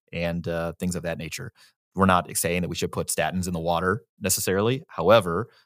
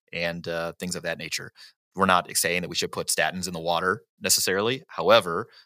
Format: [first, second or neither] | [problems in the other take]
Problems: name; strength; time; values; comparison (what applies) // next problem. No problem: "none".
first | thin; very slightly; fading below 600 Hz